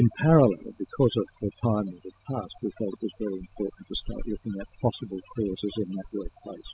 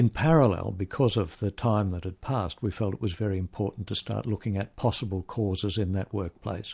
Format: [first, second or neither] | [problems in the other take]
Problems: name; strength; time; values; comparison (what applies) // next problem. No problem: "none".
second | noise reduction (classical method spectral subtraction)